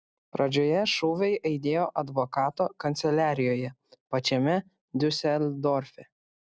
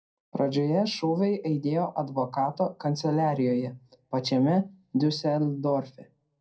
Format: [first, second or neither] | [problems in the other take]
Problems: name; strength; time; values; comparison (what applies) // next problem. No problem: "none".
first | room echo; dies away in 0.2 s